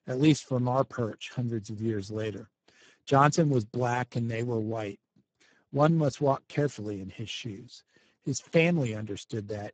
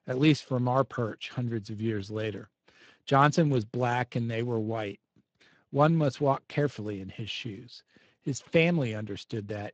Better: second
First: garbled, watery; badly; nothing above 7.5 kHz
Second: garbled, watery; slightly; nothing above 7.5 kHz

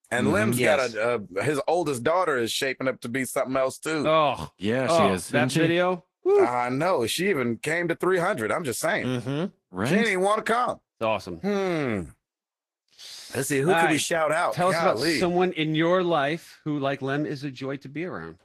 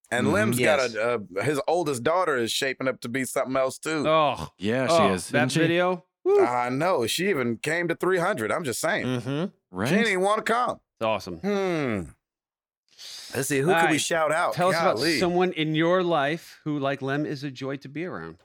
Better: second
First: garbled, watery; slightly; nothing above 12.5 kHz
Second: none

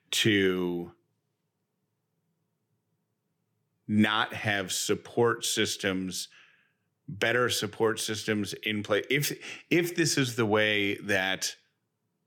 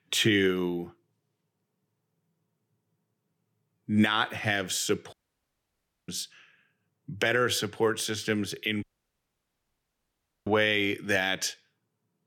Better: first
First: none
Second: audio cutting out; at 5 s for 1 s and at 9 s for 1.5 s

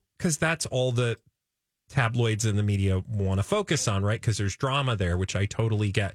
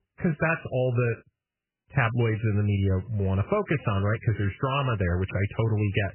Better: first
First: none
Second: garbled, watery; badly; nothing above 3 kHz

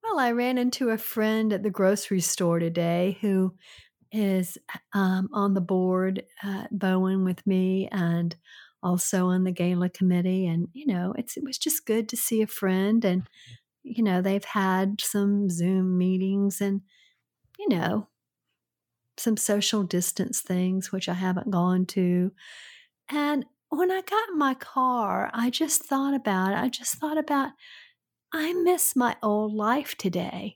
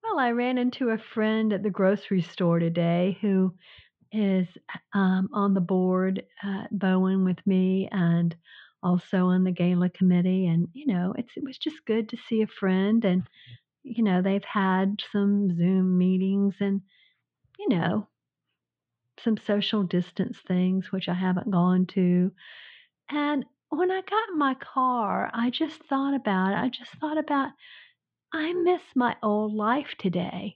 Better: first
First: none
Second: muffled; very; fading above 3.5 kHz

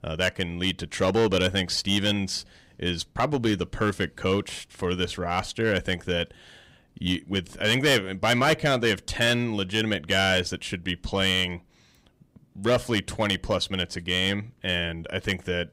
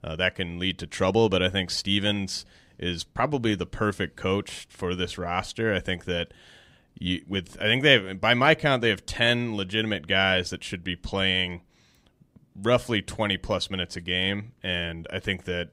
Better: second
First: distortion; slight; 3% of the sound clipped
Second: none

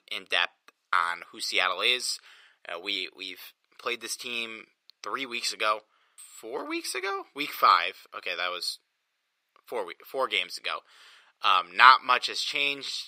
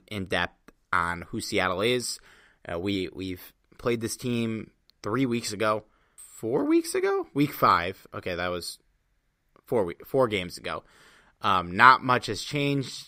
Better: second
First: thin; very; fading below 600 Hz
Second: none

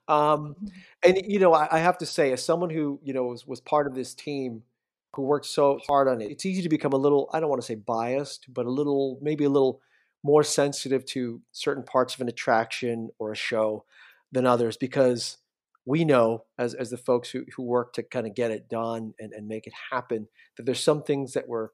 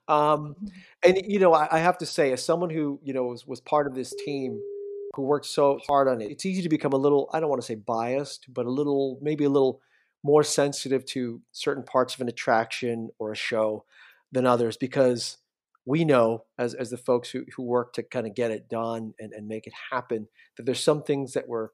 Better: first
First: none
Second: phone ringing; faint; at 4 s; peak 10 dB below the speech

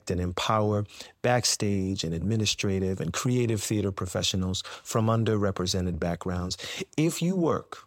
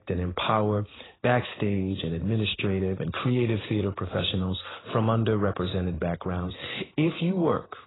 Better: first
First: none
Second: garbled, watery; badly; nothing above 4 kHz

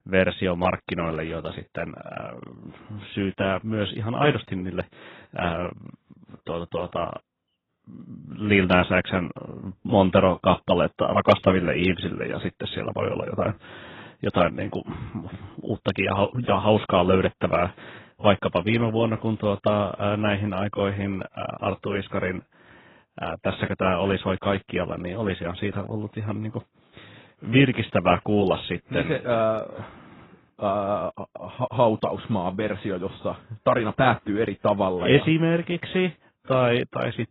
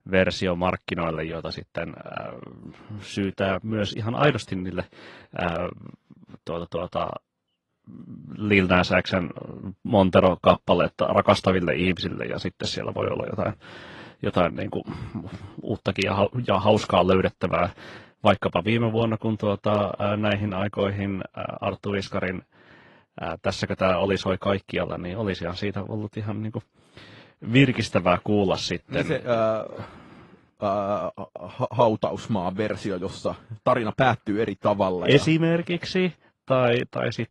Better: second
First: garbled, watery; badly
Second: garbled, watery; slightly

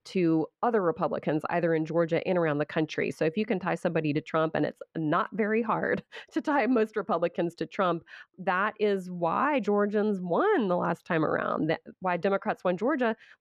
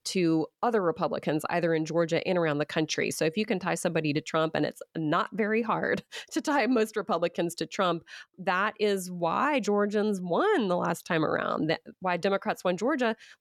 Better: second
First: muffled; slightly; fading above 4 kHz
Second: none

